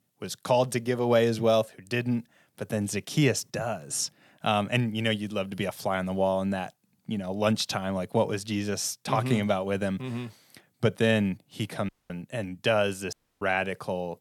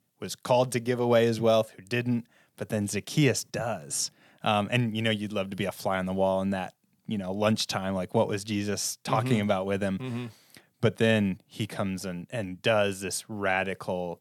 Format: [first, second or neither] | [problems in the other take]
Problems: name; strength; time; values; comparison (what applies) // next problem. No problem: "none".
second | audio cutting out; at 12 s and at 13 s